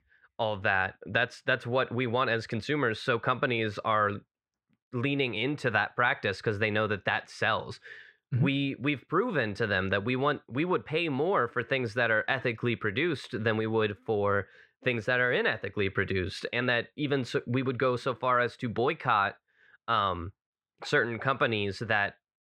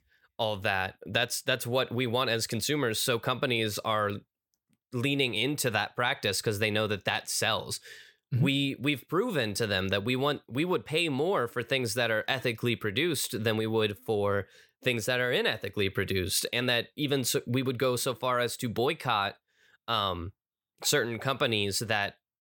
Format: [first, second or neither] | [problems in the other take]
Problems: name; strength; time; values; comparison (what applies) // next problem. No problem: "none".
second | muffled; slightly; fading above 2.5 kHz